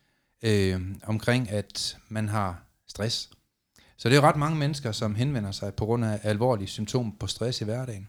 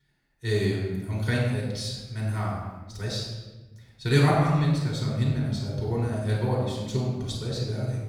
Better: first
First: none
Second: room echo; noticeable; dies away in 1.2 s // off-mic speech; far

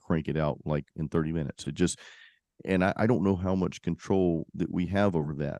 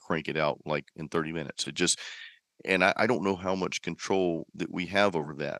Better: first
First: none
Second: thin; somewhat; fading below 800 Hz

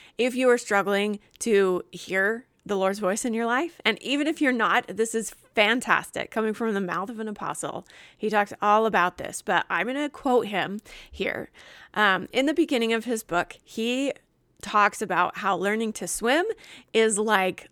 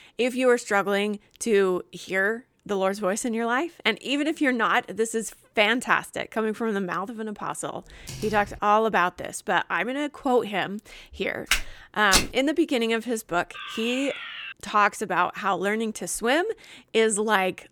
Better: first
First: none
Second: keyboard typing; faint; at 8 s; peak 15 dB below the speech // footsteps; loud; at 12 s; peak 3 dB above the speech // alarm; noticeable; at 14 s; peak 9 dB below the speech

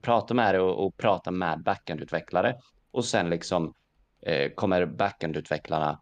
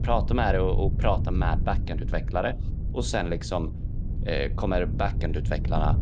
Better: first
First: none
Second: wind noise on the microphone; occasional gusts; 15 dB below the speech

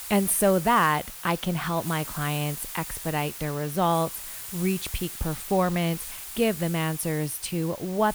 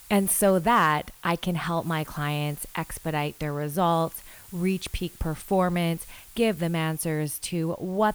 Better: second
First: hiss; loud; throughout; 10 dB below the speech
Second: hiss; faint; throughout; 20 dB below the speech

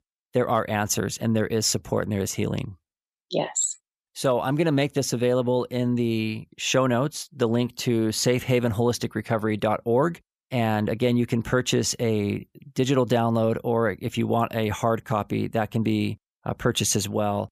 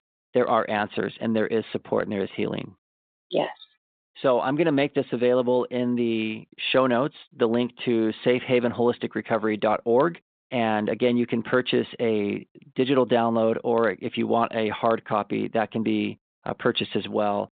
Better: first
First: none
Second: phone-call audio; nothing above 4 kHz

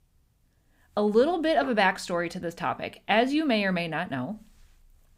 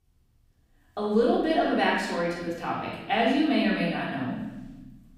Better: first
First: none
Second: off-mic speech; far // room echo; noticeable; dies away in 1.2 s

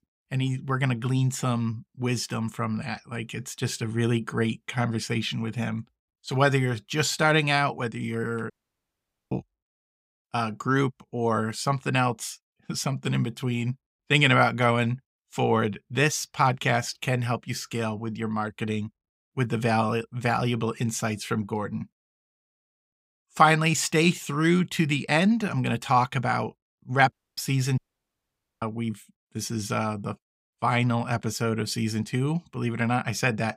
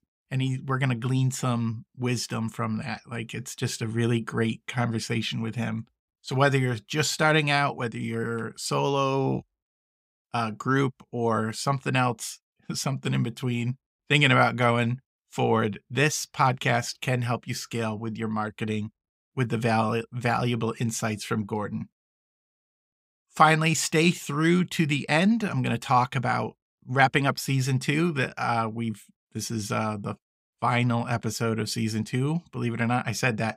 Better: second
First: audio cutting out; at 8.5 s for 1 s, at 27 s and at 28 s for 1 s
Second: none

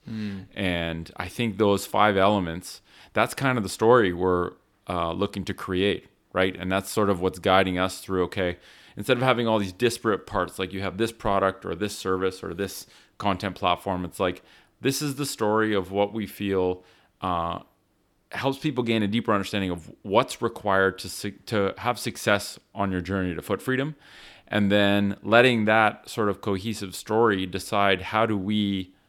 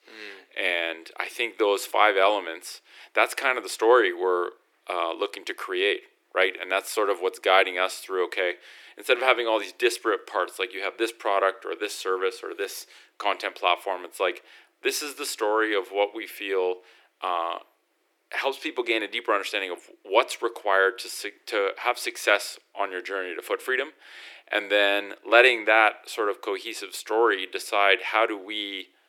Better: first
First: none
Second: thin; very; fading below 350 Hz

